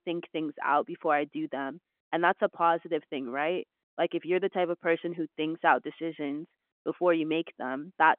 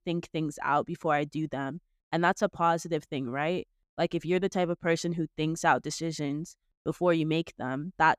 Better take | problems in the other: second | phone-call audio

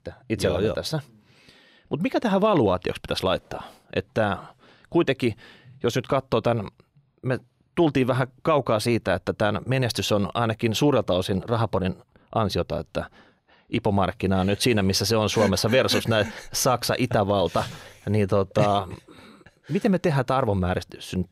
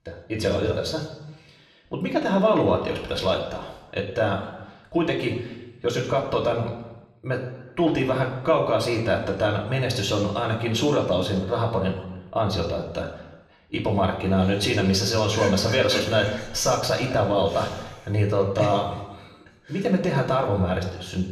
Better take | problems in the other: first | room echo; noticeable; dies away in 1 s // off-mic speech; somewhat distant

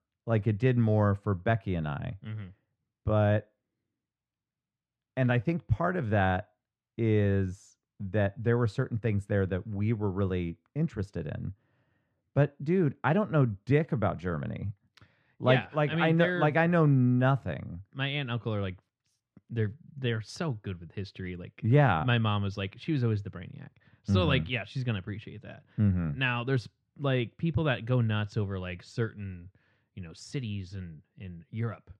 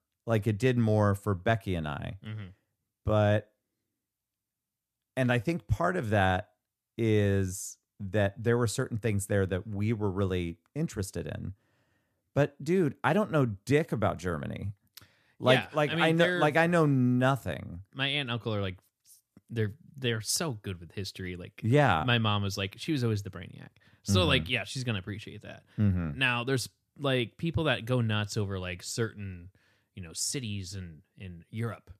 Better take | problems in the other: second | muffled; slightly; fading above 3 kHz

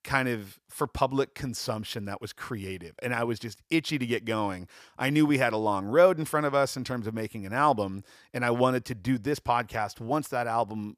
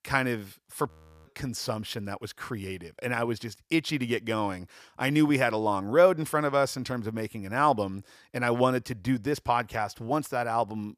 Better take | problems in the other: first | audio freezing; at 1 s

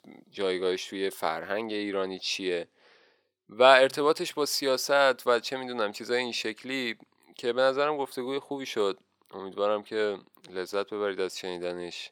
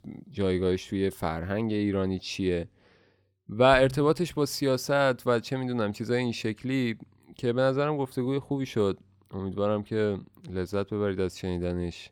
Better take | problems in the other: second | thin; somewhat; fading below 500 Hz

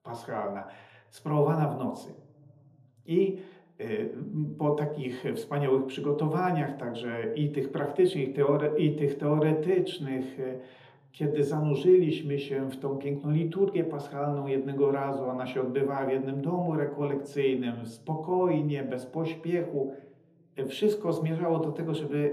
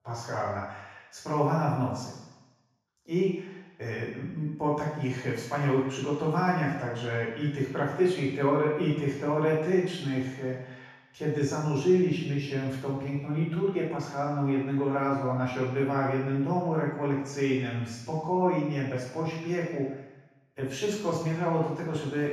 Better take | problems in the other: first | room echo; strong; dies away in 1.1 s; slight in the first // off-mic speech; far

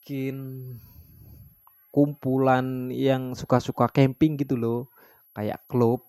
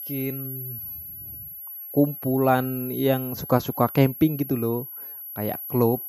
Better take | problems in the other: first | high-pitched whine; loud; throughout; 11.5 kHz, 10 dB below the speech; faint in the first

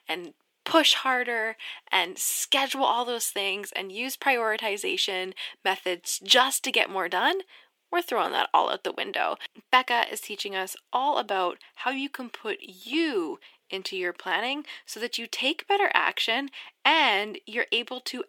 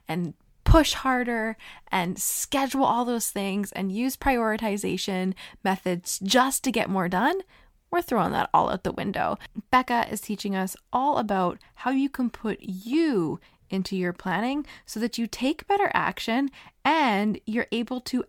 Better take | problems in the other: second | thin; somewhat; fading below 350 Hz

